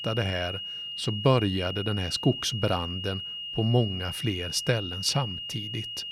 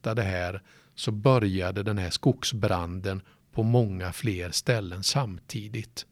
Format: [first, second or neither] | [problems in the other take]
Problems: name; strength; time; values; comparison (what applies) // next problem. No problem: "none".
second | high-pitched whine; loud; throughout; 3 kHz, 5 dB below the speech